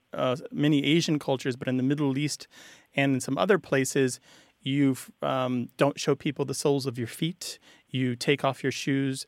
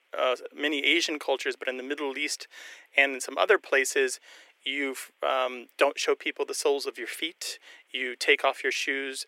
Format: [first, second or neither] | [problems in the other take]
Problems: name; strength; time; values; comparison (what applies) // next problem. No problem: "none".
first | thin; very; fading below 350 Hz